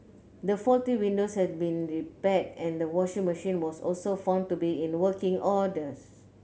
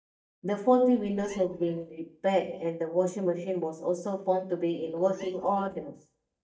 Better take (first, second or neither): first